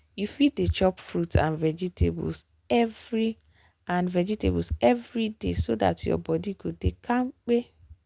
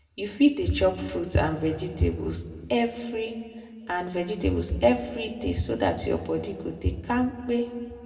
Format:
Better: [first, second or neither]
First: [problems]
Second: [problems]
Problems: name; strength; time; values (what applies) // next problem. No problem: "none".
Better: first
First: none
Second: room echo; dies away in 1.8 s